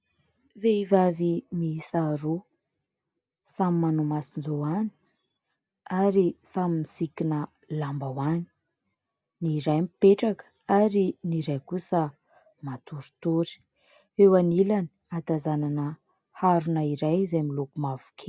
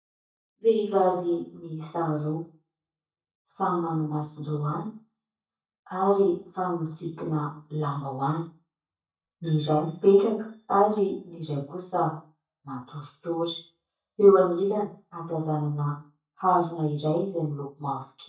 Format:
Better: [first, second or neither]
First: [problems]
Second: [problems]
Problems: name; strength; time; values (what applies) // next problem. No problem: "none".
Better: first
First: none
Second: noise reduction (neural mask model DeepFilterNet 3)